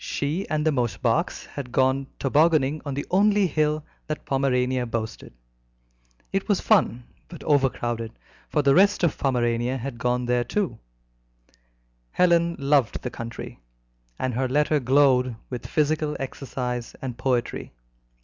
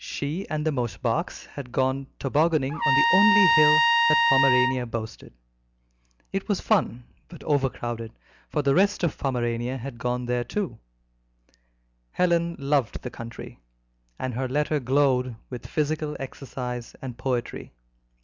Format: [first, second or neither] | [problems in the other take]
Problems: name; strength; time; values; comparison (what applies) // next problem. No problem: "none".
first | background sound (Trumpet); 5 dB above the speech